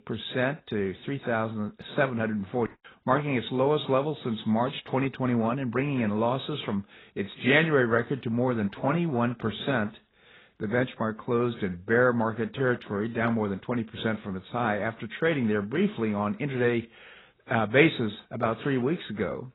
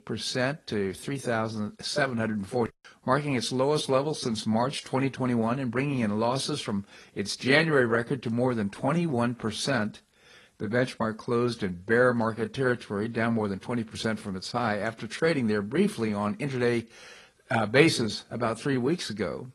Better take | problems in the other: second | garbled, watery; badly; nothing above 4 kHz; slightly in the second

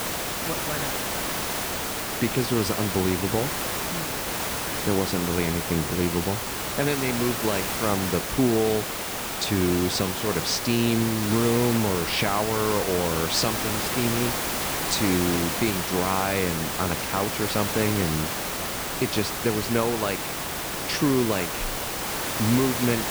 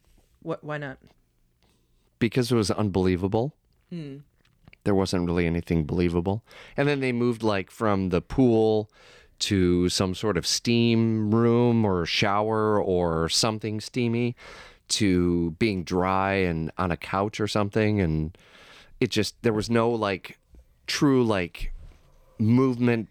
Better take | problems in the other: second | hiss; loud; throughout; 1 dB below the speech

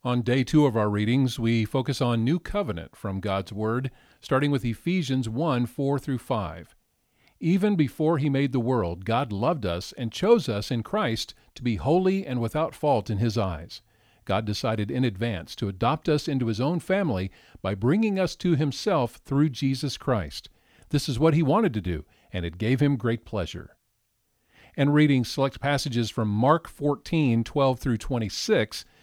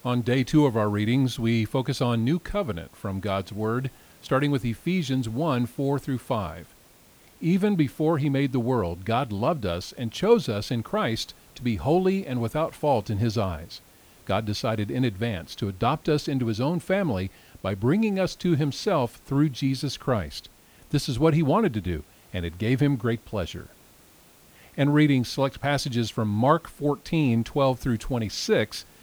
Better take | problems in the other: first | hiss; faint; throughout; 30 dB below the speech

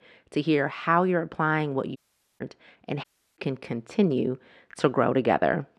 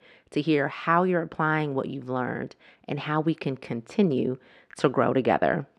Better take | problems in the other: second | audio cutting out; at 2 s and at 3 s

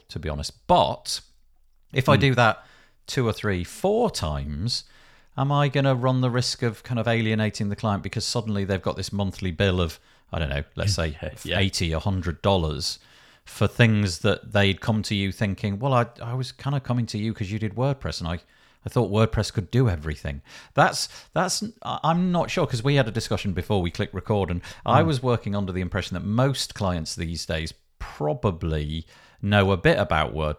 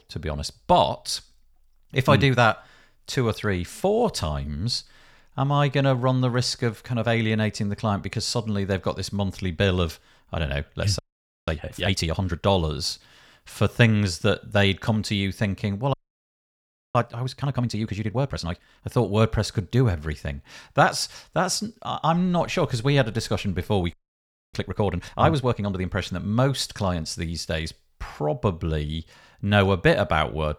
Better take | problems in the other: first | audio freezing; at 11 s, at 16 s for 1 s and at 24 s for 0.5 s

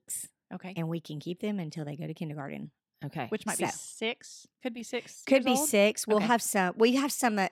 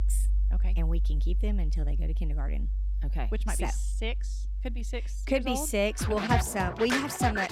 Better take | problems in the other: first | background music; very loud; throughout; 2 dB above the speech

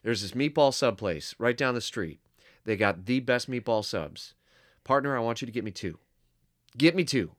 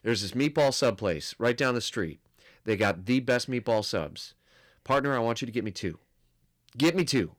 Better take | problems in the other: first | distortion; slight; 3% of the sound clipped

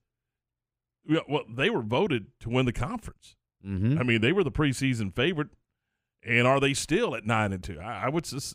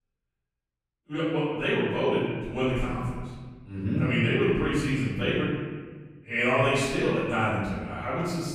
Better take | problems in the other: first | off-mic speech; far // room echo; strong; dies away in 1.4 s

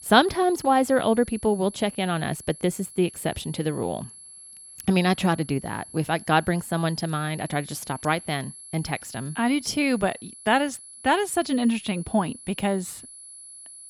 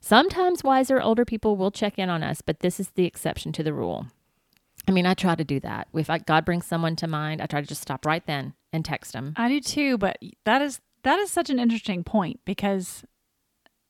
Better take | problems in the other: second | high-pitched whine; noticeable; throughout; 11 kHz, 15 dB below the speech

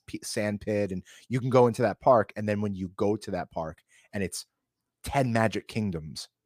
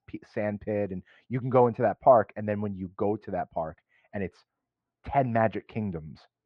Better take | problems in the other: first | muffled; very; fading above 2.5 kHz

